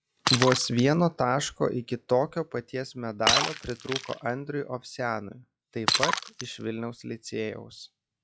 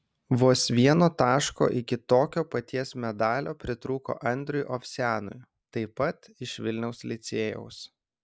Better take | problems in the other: second | noise reduction (classical method log-MMSE)

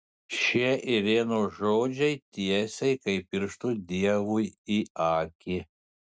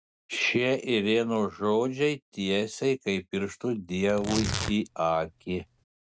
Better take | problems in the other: first | background sound (Tearing); 8 dB below the speech

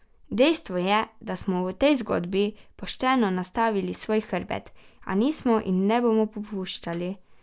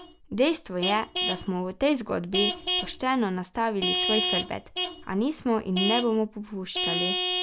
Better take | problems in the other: first | background sound (Vehicle horn, car horn, honking / Truck); 3 dB below the speech

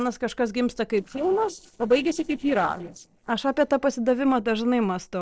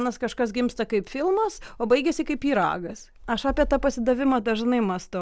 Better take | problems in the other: second | noise reduction (neural separator model SepFormer DNS4)

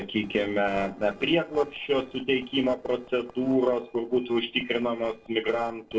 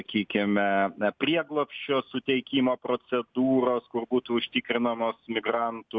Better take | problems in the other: second | noise reduction (neural separator model SepFormer DNS4)

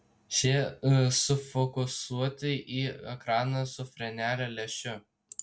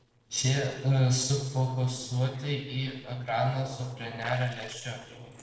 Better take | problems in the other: first | noise reduction (neural separator model SepFormer DNS4)

